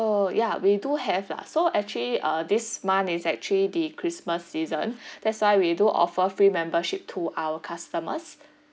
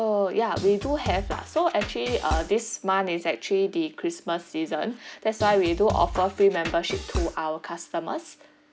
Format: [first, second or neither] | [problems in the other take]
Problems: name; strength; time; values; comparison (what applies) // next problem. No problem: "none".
first | background sound (Drum kit); 7 dB below the speech